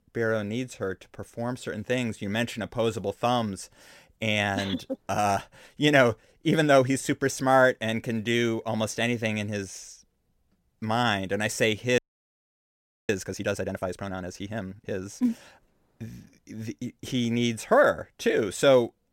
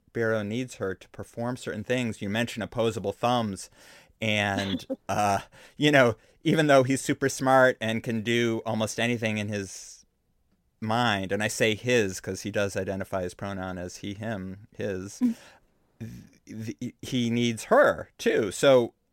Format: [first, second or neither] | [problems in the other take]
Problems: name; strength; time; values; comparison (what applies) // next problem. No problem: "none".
second | audio freezing; at 12 s for 1 s